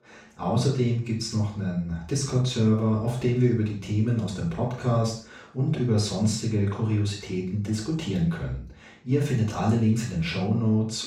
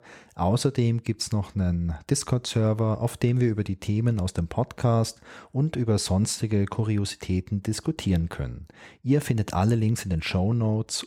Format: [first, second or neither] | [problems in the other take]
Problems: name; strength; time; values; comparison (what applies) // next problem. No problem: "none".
second | room echo; noticeable; dies away in 0.4 s // off-mic speech; far